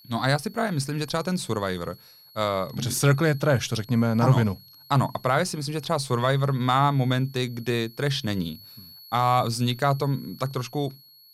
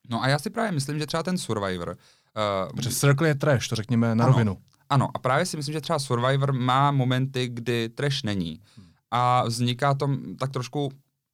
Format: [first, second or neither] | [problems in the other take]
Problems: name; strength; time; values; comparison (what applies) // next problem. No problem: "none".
second | high-pitched whine; faint; throughout; 4.5 kHz, 25 dB below the speech